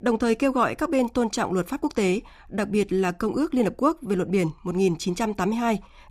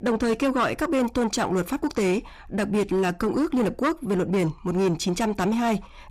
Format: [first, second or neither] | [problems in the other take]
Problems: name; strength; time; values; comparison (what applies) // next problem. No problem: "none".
first | distortion; slight; 10 dB below the speech